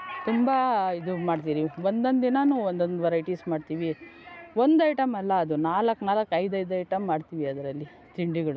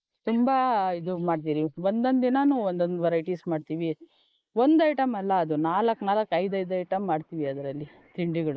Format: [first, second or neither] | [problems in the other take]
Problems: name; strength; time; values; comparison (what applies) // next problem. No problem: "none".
first | noise reduction (neural mask model Resemble Enhance denoiser)